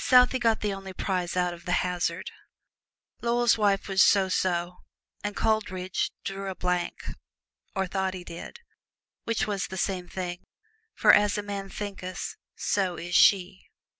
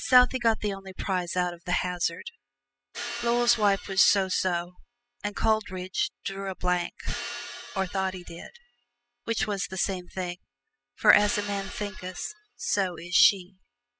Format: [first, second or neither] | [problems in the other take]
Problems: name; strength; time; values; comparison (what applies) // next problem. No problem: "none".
first | noise reduction (classical method spectral subtraction)